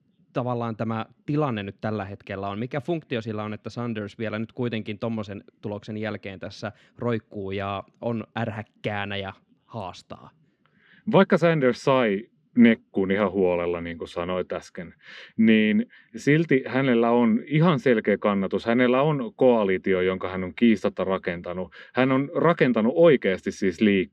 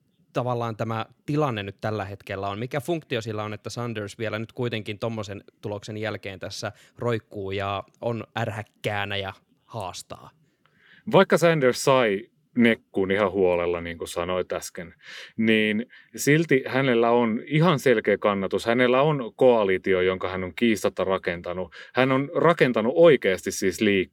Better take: second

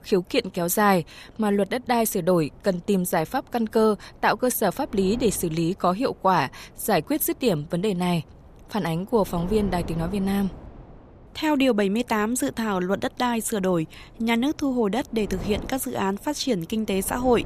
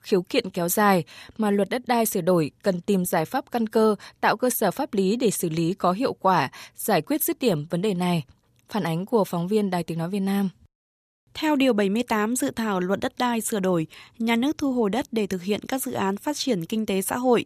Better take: second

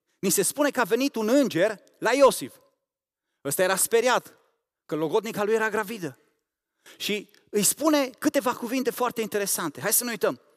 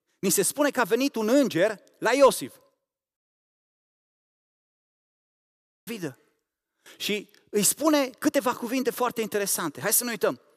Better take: first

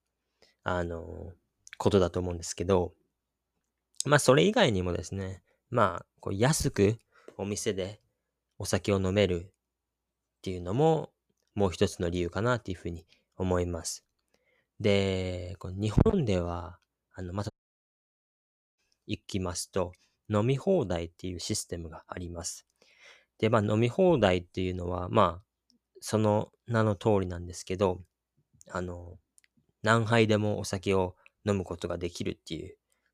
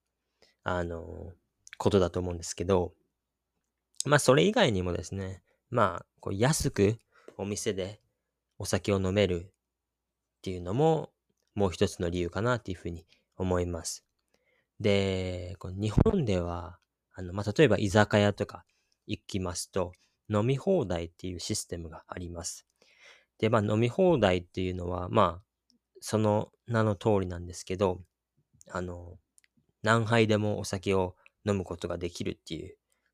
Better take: second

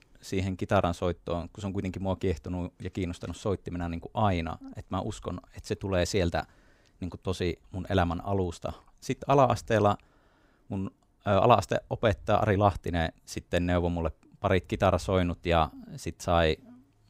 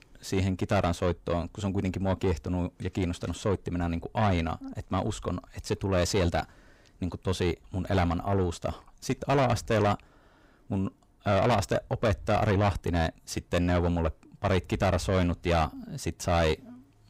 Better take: first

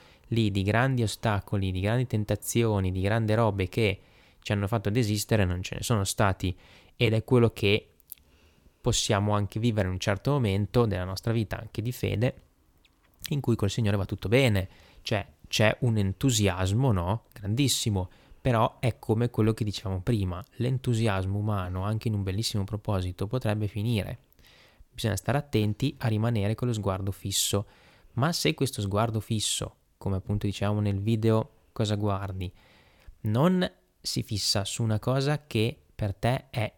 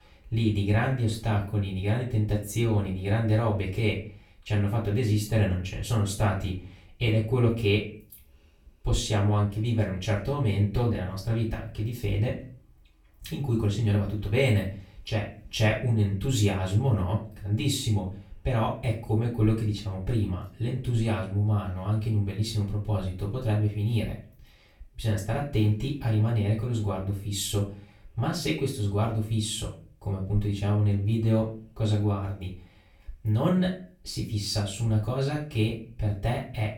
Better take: first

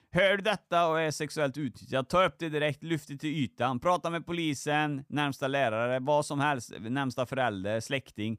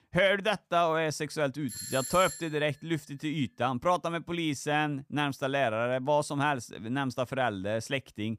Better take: first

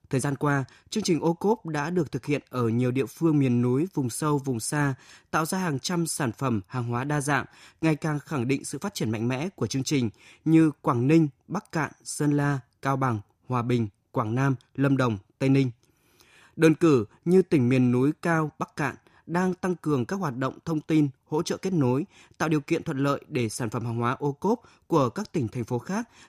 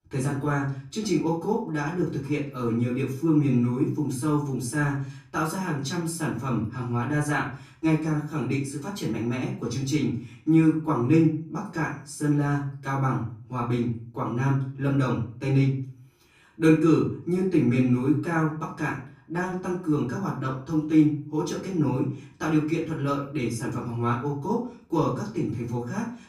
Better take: first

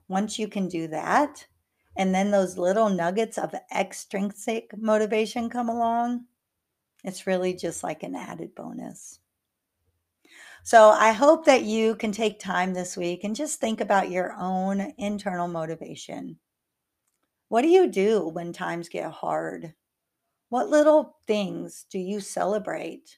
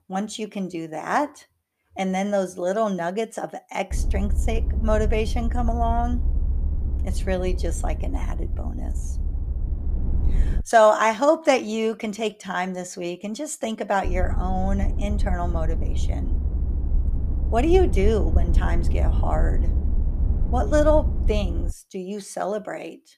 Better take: first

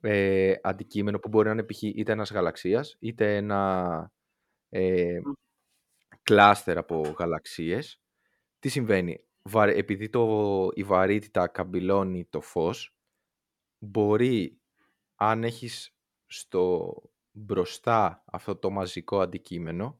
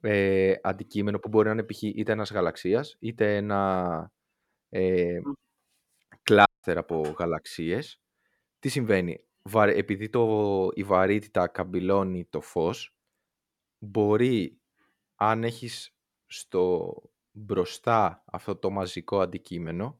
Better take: first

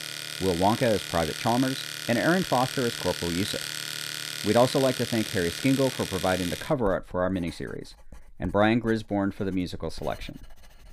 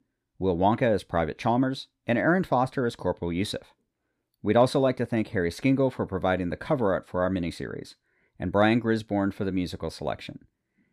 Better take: second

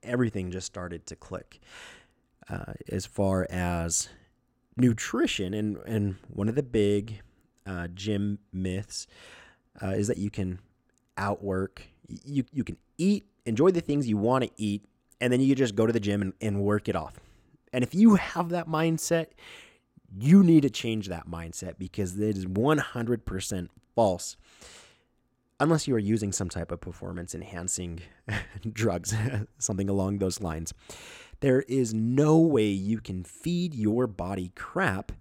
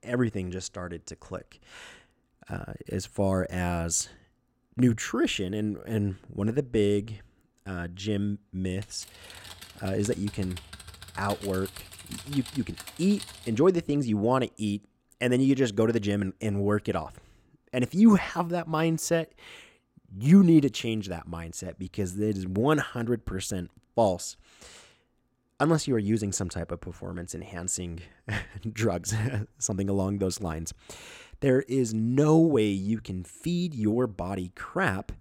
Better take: first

